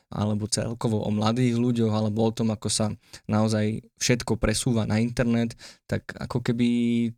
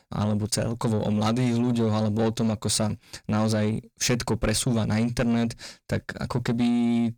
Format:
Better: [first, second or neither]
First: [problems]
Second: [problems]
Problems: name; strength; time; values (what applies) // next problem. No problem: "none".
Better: first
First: none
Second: distortion; slight; 10 dB below the speech